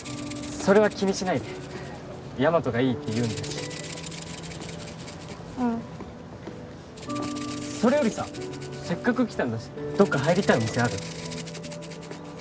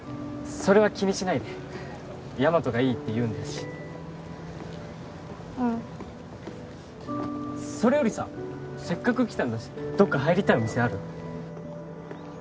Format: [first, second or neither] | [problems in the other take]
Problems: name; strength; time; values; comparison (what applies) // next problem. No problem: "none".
second | background sound (Rattle (instrument)); 17 dB below the speech